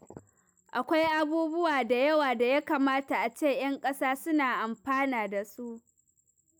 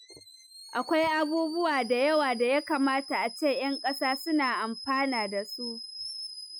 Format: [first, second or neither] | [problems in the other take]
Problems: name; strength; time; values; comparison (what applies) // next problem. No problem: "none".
first | noise reduction (classical method Wiener filter)